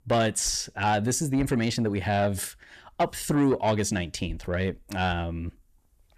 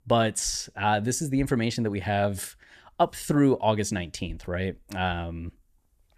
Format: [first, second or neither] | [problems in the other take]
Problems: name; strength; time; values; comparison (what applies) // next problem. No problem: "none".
second | distortion; slight; 10 dB below the speech